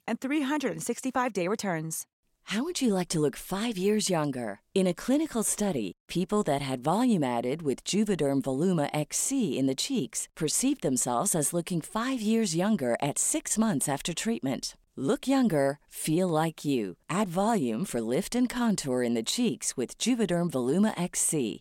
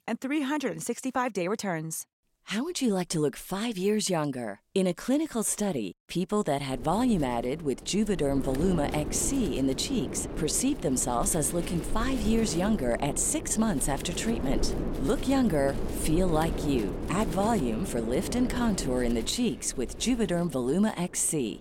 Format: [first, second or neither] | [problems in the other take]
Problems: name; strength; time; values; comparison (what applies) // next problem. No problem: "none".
first | wind noise on the microphone; heavy; from 6.5 s on; 9 dB below the speech